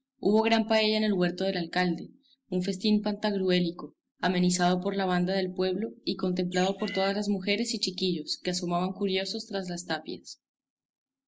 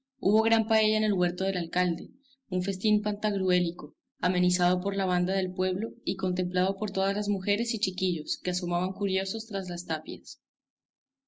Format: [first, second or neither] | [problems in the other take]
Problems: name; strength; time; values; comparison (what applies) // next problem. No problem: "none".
second | background sound (Bird); 12 dB below the speech